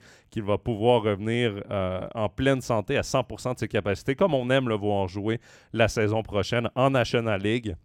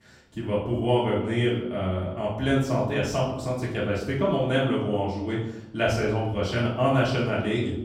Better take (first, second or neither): first